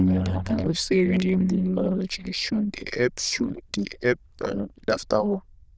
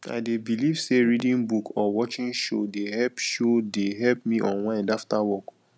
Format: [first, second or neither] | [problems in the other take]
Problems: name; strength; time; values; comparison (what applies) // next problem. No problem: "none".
second | noise reduction (neural diffusion model UNIVERSE++)